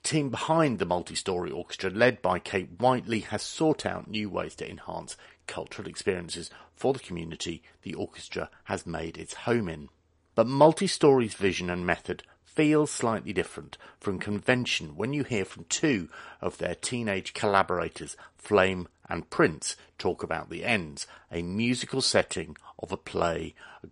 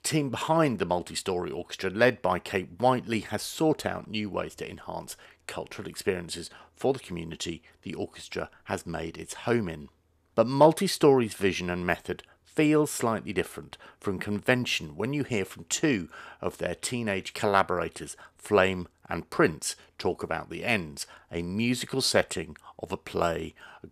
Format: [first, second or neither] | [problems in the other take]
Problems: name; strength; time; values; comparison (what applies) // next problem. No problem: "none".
second | garbled, watery; slightly; nothing above 10.5 kHz